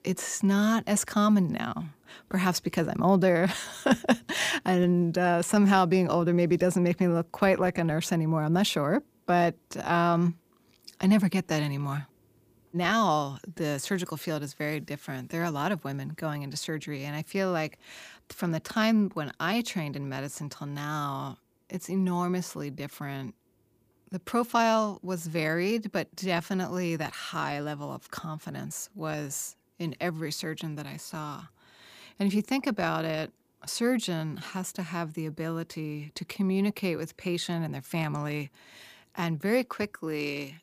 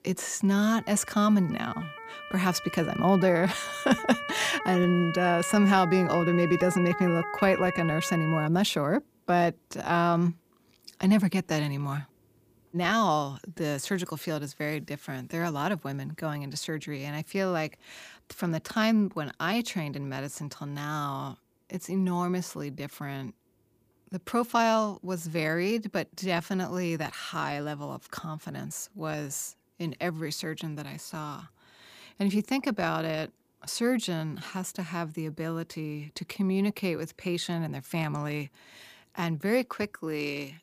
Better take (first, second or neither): first